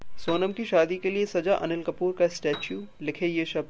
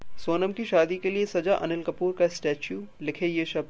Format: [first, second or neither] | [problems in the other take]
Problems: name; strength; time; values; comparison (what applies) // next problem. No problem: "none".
second | background sound (Piano); 18 dB below the speech